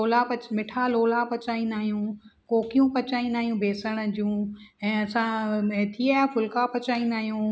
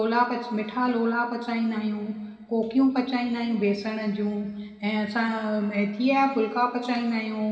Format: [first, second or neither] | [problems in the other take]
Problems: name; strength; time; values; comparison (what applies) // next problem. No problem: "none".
first | room echo; dies away in 2.1 s